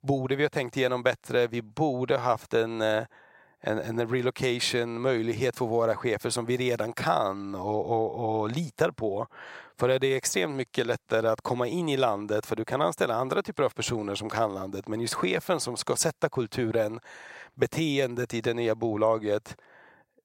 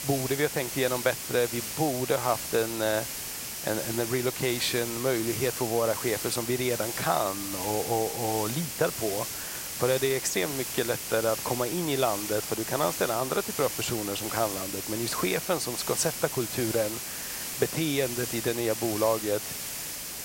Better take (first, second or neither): first